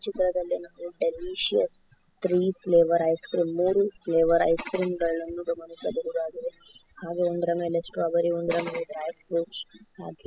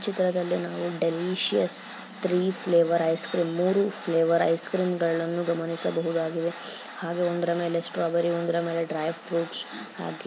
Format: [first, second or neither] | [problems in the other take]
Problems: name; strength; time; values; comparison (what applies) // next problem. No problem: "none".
second | noise reduction (classical method spectral subtraction)